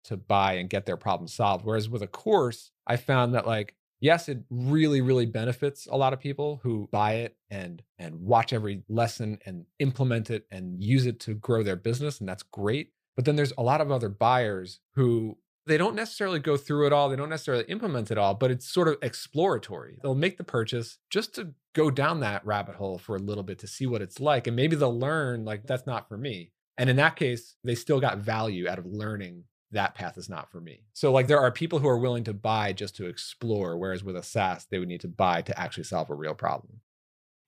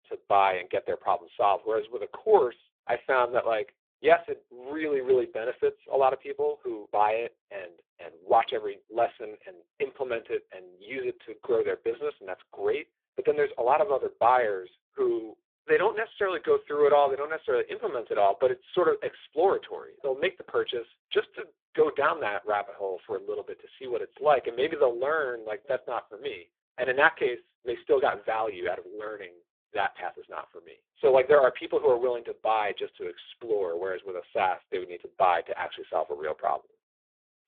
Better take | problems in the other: first | phone-call audio; poor line

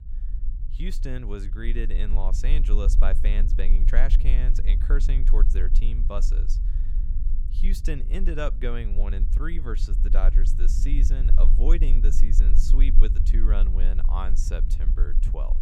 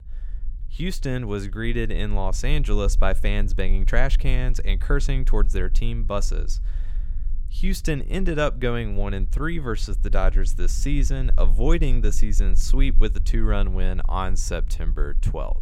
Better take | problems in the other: second | low rumble; loud; throughout; 10 dB below the speech; faint in the second

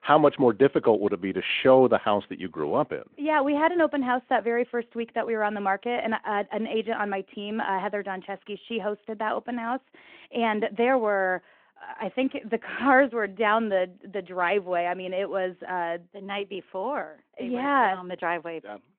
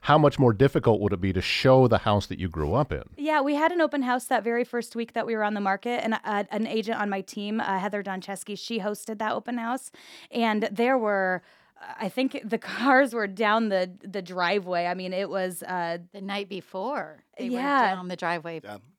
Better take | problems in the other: second | phone-call audio

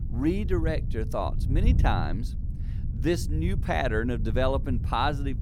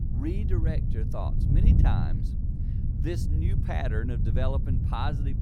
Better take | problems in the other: first | wind noise on the microphone; heavy; 4 dB below the speech; occasional gusts in the first

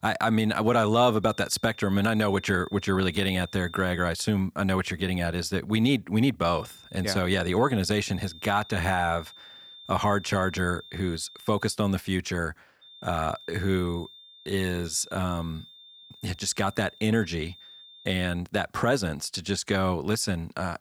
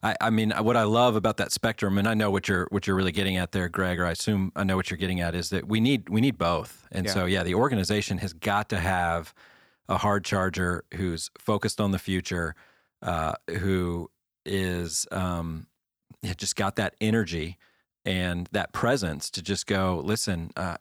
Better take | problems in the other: second | high-pitched whine; faint; from 1 to 4 s, from 6.5 to 12 s and from 13 to 18 s; 3.5 kHz, 20 dB below the speech

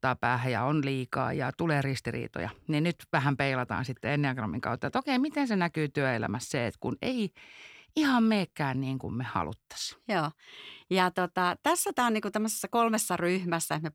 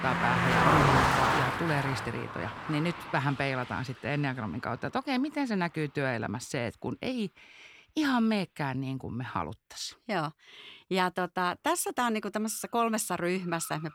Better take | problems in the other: first | traffic noise; very loud; throughout; 4 dB above the speech

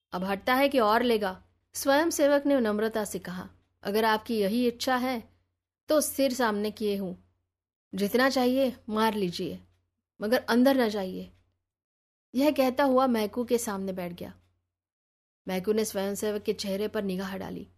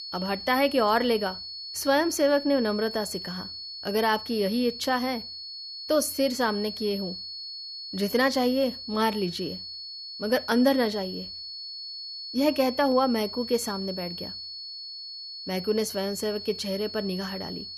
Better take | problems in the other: first | high-pitched whine; loud; throughout; 4.5 kHz, 9 dB below the speech

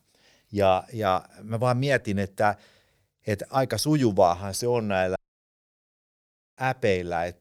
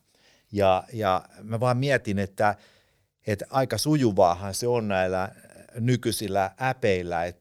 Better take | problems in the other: second | audio cutting out; at 5 s for 1.5 s

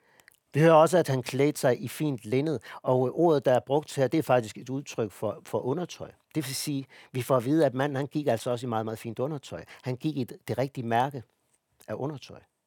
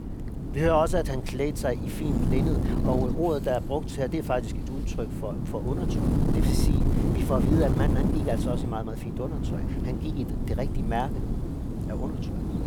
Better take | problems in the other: first | wind noise on the microphone; heavy; 5 dB below the speech

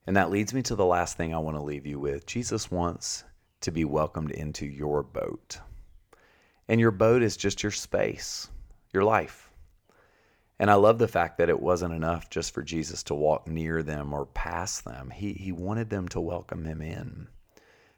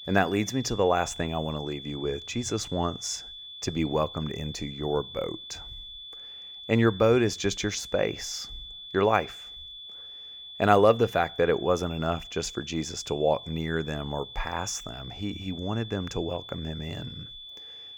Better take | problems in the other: first | high-pitched whine; noticeable; throughout; 3.5 kHz, 10 dB below the speech

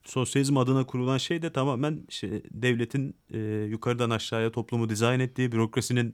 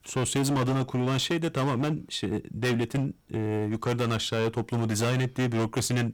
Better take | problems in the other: first | distortion; heavy; 19% of the sound clipped

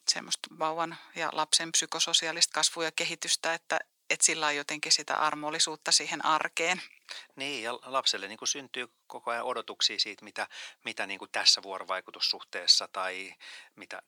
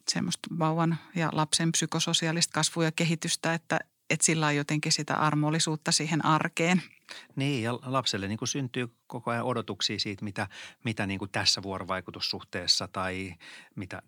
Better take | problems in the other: second | thin; very; fading below 550 Hz

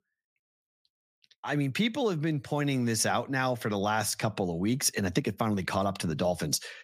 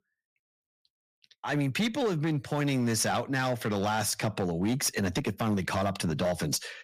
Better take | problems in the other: first | distortion; slight; 9% of the sound clipped

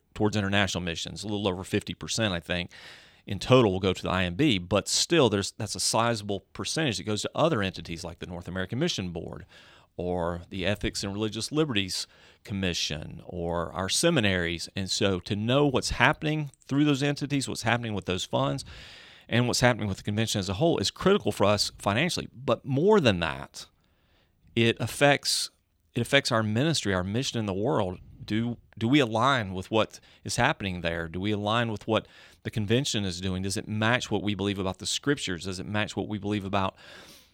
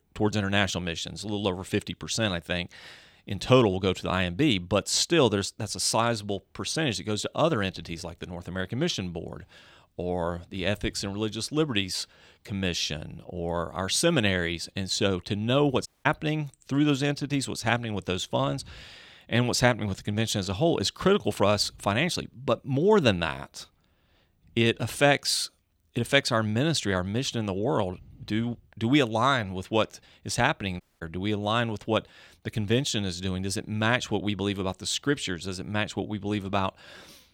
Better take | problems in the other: first | audio cutting out; at 16 s and at 31 s

